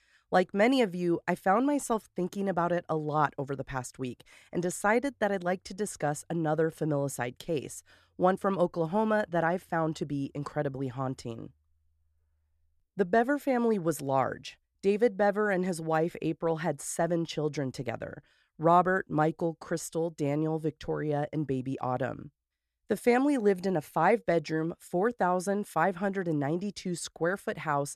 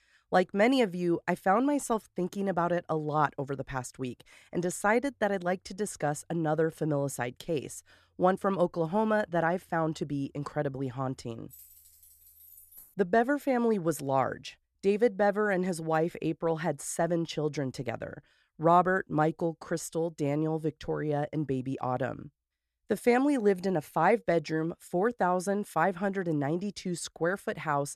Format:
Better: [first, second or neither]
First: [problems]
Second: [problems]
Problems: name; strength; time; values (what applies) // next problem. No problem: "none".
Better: first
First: none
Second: jangling keys; faint; from 12 to 13 s; peak 20 dB below the speech